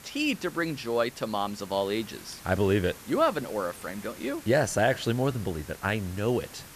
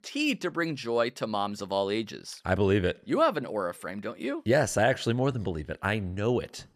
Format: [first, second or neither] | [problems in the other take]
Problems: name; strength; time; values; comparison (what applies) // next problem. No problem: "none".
second | hiss; noticeable; throughout; 15 dB below the speech